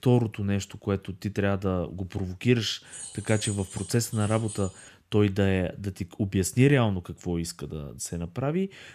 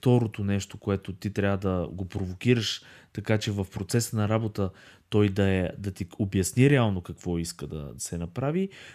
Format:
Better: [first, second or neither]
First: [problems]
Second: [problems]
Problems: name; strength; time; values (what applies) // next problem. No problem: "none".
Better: second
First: jangling keys; noticeable; from 3 to 5 s; peak 7 dB below the speech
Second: none